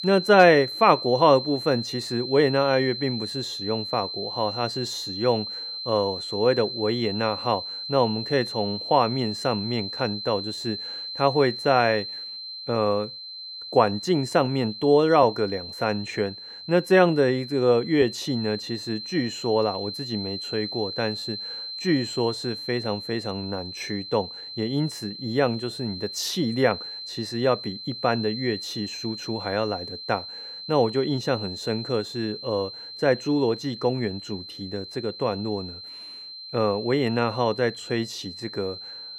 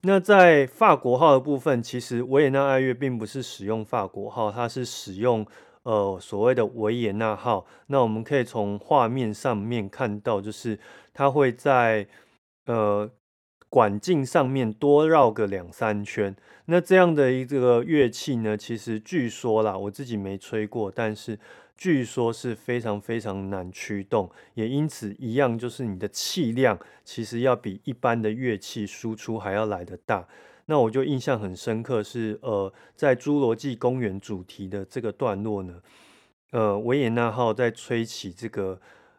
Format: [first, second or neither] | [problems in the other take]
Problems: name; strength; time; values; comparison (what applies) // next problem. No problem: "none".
second | high-pitched whine; loud; throughout; 4 kHz, 8 dB below the speech